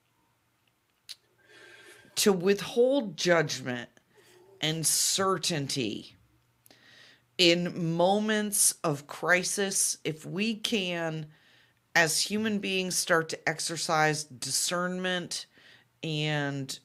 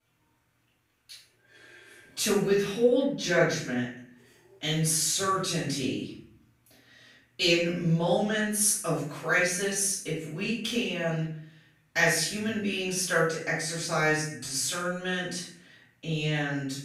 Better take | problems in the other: first | off-mic speech; far // room echo; noticeable; dies away in 0.5 s

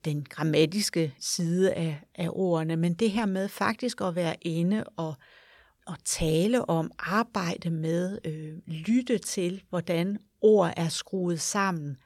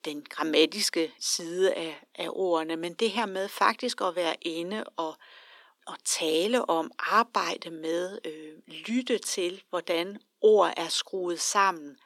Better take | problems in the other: first | thin; somewhat; fading below 250 Hz

